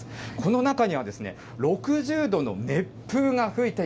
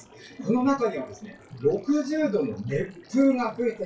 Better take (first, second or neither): first